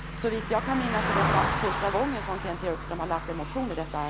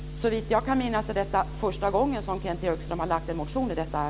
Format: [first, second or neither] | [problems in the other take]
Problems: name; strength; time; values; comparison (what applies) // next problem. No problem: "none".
second | background sound (Car passing by); 2 dB below the speech